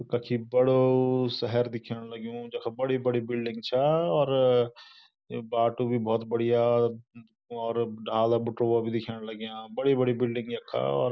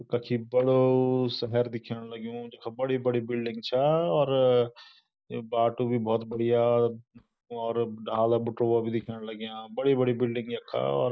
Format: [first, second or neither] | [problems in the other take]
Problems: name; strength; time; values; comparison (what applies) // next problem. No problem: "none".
first | noise reduction (neural mask model DeepFilterNet 3)